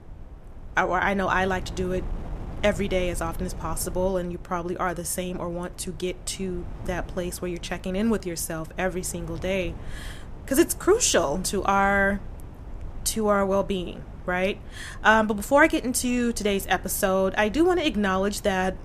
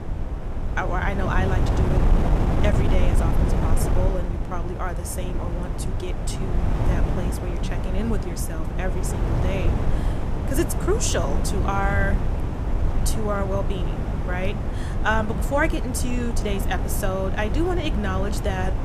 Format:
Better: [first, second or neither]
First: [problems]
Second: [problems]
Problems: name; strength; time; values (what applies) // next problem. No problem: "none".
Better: first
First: wind noise on the microphone; occasional gusts; 25 dB below the speech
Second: wind noise on the microphone; heavy; 5 dB below the speech